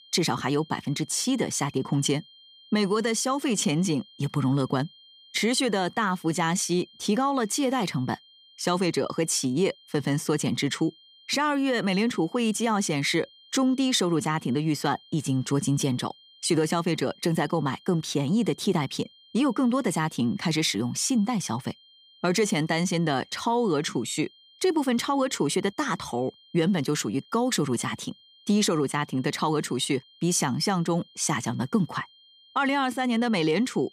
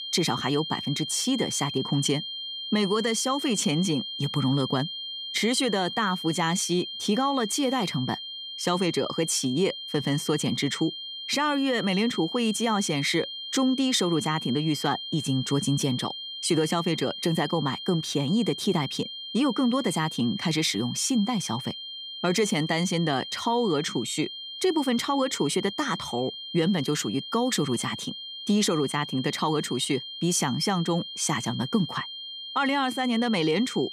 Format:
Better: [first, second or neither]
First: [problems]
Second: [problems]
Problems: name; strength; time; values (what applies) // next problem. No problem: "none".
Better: first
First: high-pitched whine; faint; throughout; 3 kHz, 25 dB below the speech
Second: high-pitched whine; loud; throughout; 3 kHz, 8 dB below the speech